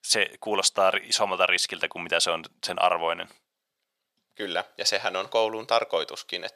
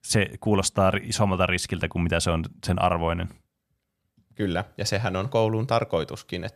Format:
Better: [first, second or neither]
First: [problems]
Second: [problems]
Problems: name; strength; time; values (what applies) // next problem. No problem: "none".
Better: second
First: thin; very; fading below 550 Hz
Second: none